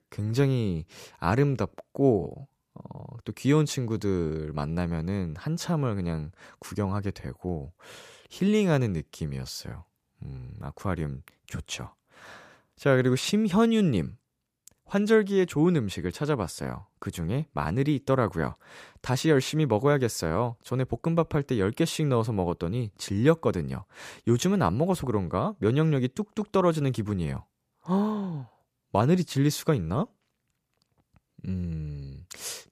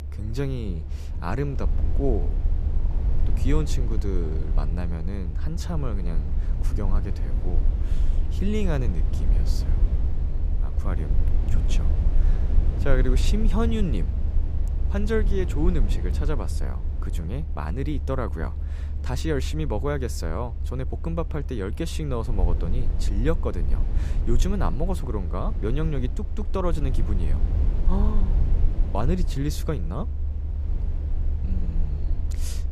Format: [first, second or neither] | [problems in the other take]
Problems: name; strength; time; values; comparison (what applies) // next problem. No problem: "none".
first | low rumble; noticeable; throughout; 10 dB below the speech